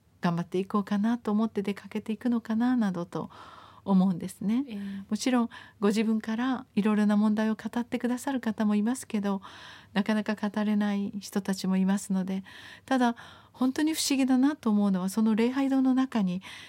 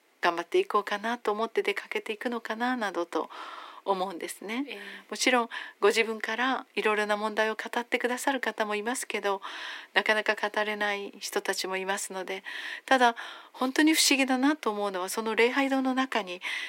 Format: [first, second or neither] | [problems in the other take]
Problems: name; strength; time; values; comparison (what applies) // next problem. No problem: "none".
first | thin; very; fading below 300 Hz